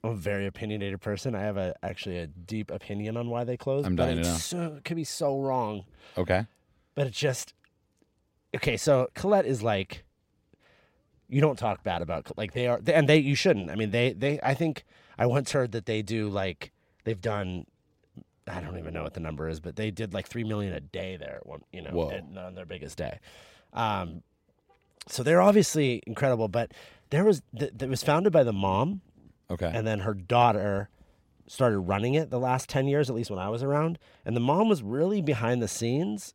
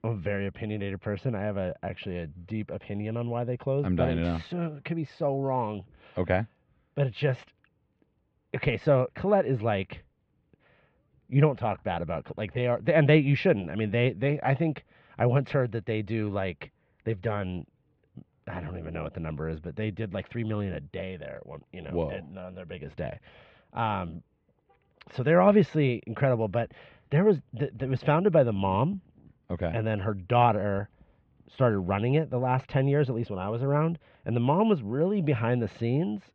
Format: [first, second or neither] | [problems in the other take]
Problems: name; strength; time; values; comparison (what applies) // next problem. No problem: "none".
first | muffled; very; fading above 3 kHz